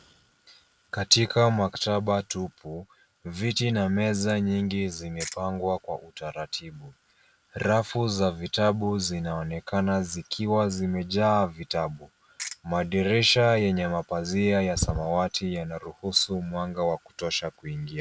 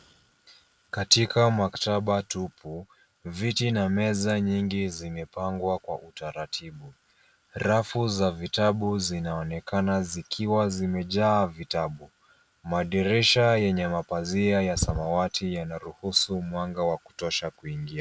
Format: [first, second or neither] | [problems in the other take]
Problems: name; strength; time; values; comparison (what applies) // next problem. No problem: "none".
second | background sound (Ratchet, pawl); 11 dB below the speech